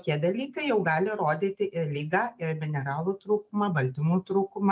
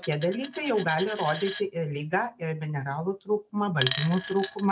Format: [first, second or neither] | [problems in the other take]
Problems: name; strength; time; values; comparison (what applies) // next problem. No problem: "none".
first | background sound (Coin (dropping)); 11 dB below the speech